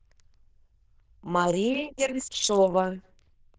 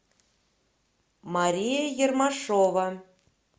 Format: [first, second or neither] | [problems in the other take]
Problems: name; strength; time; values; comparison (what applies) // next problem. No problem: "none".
second | noise reduction (neural diffusion model UNIVERSE++)